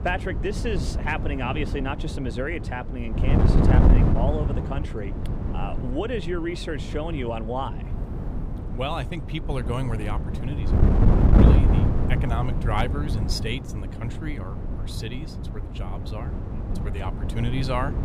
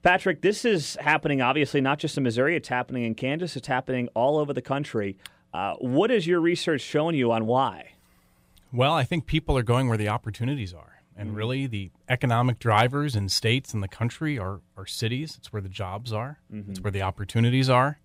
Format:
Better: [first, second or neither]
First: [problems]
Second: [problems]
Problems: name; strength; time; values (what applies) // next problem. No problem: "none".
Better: second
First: wind noise on the microphone; heavy; 3 dB below the speech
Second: none